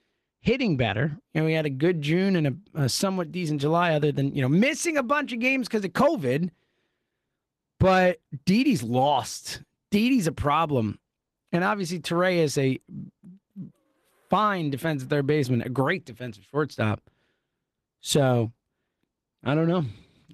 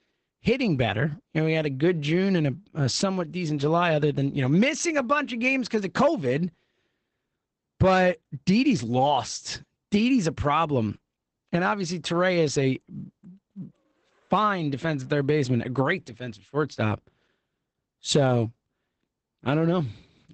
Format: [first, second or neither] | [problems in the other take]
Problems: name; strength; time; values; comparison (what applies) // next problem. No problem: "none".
first | garbled, watery; badly; nothing above 8 kHz; slightly in the first